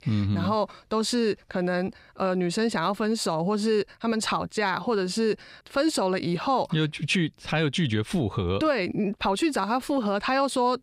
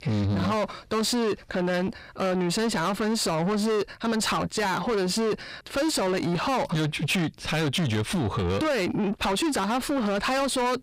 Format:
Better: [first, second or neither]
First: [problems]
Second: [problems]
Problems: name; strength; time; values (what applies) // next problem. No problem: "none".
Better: first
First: none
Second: distortion; heavy; 8 dB below the speech